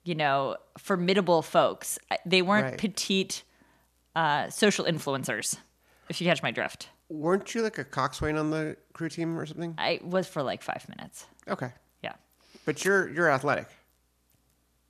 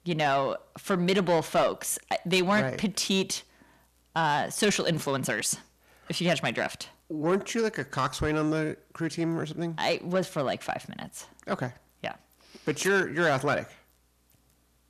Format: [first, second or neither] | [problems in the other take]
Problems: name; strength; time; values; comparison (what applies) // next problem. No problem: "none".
first | distortion; slight; 10 dB below the speech